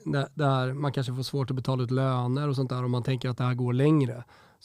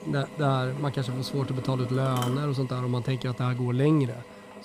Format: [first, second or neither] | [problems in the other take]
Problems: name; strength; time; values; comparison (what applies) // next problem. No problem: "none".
first | machinery noise; noticeable; throughout; 10 dB below the speech